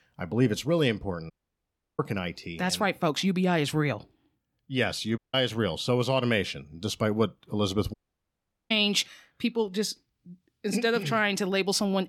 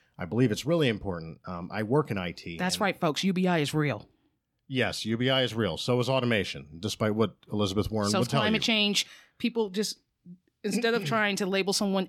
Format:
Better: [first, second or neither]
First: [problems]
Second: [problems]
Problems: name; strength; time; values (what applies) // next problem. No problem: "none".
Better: second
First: audio cutting out; at 1.5 s for 0.5 s, at 5 s and at 8 s for 1 s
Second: none